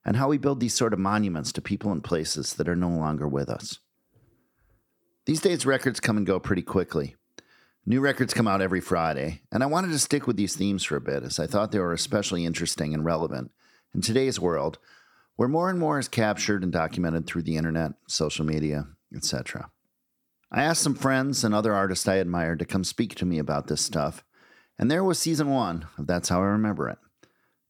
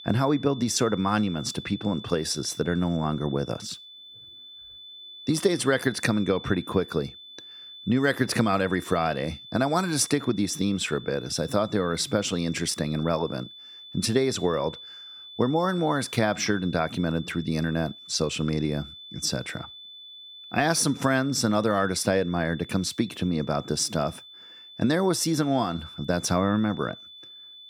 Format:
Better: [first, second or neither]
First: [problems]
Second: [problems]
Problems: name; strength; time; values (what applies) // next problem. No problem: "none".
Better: first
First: none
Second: high-pitched whine; noticeable; throughout; 3.5 kHz, 15 dB below the speech